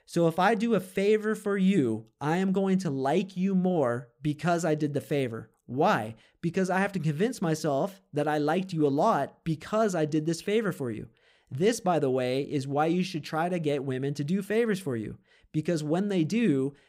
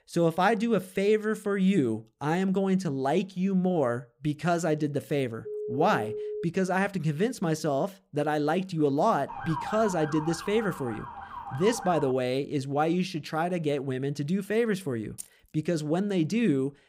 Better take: first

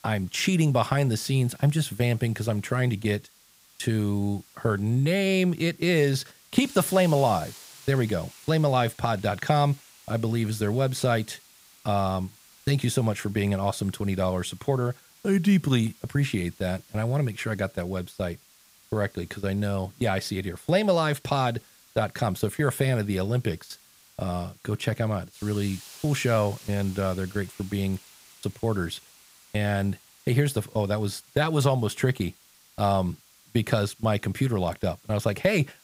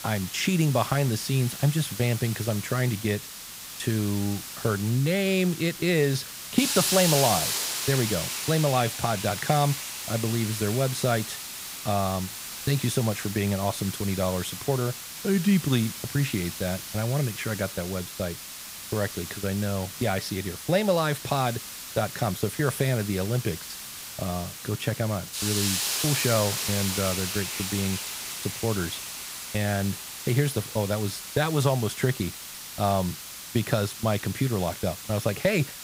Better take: first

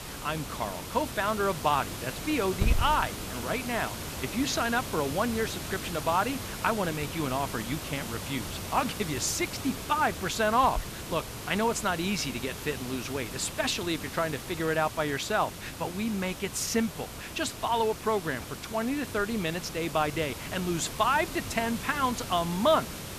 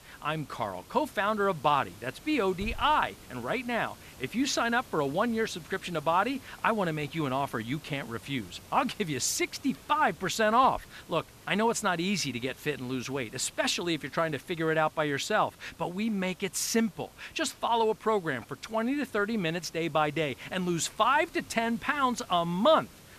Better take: second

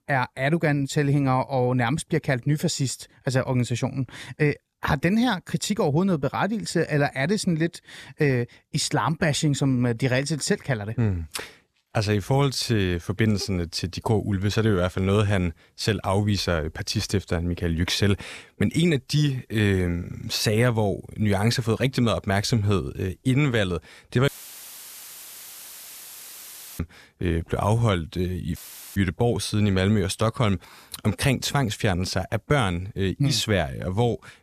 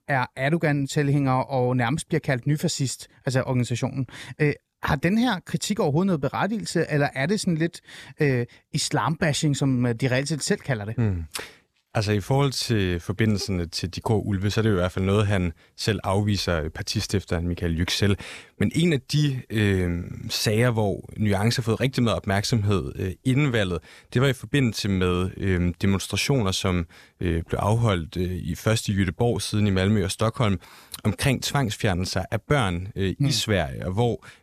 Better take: second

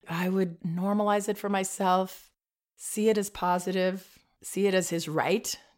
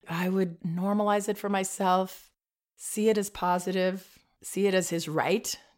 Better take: neither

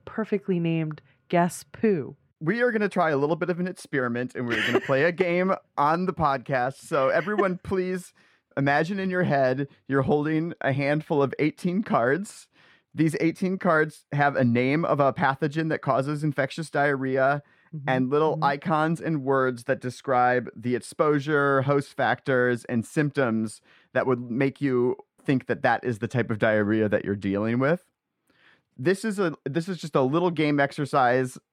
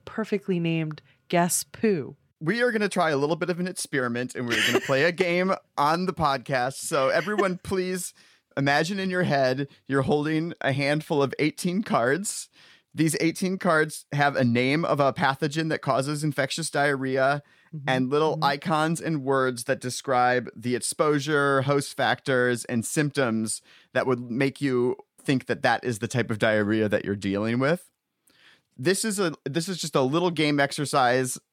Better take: second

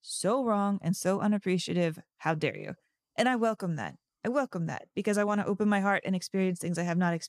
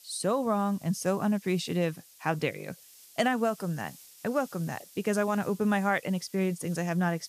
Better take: first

